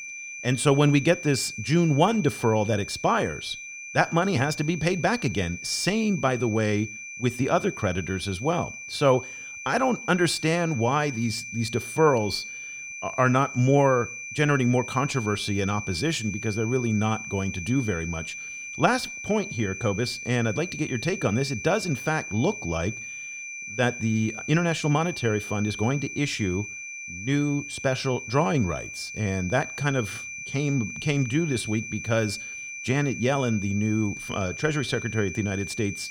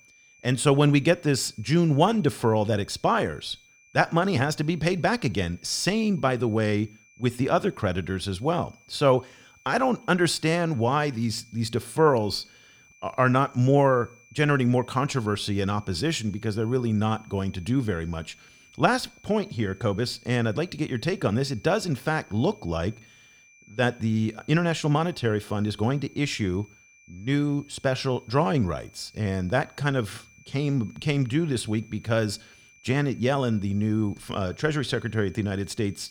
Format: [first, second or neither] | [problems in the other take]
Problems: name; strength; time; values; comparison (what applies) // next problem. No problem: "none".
second | high-pitched whine; loud; throughout; 2.5 kHz, 9 dB below the speech; faint in the second